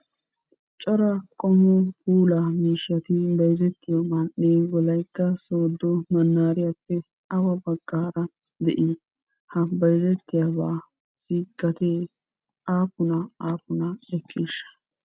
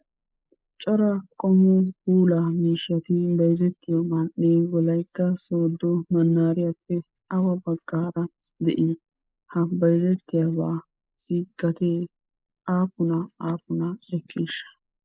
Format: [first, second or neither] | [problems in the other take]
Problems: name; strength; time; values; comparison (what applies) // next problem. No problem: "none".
first | noise reduction (neural mask model Resemble Enhance denoiser)